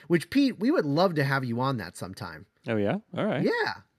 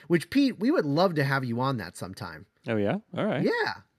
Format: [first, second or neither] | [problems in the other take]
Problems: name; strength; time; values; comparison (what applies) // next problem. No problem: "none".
neither | none